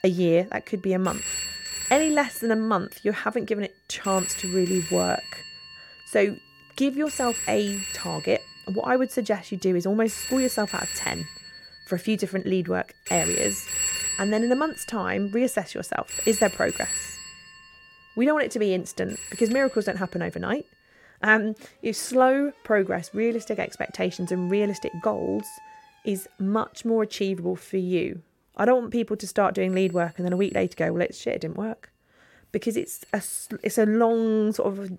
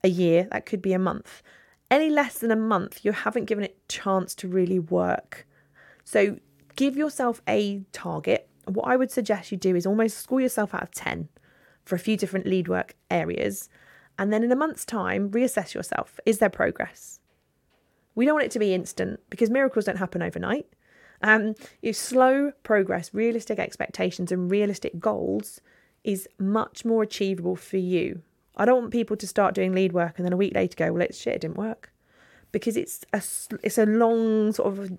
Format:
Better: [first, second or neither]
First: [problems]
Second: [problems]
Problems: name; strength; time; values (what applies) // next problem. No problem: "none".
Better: second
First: alarms or sirens; loud; throughout; 5 dB below the speech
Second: none